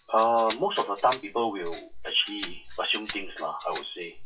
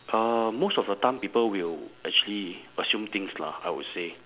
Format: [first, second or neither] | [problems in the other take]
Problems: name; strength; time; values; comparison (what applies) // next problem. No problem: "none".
second | noise reduction (classical method WPE with log-MMSE)